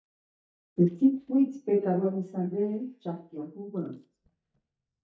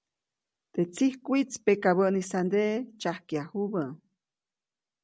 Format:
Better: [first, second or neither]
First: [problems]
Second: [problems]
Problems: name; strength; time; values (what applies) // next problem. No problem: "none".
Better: second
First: noise reduction (neural mask model DeepFilterNet 3)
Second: none